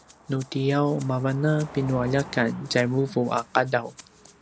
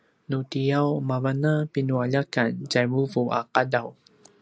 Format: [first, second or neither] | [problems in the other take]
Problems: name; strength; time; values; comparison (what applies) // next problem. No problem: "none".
second | background sound (Car passing by + Rattle (instrument)); 19 dB below the speech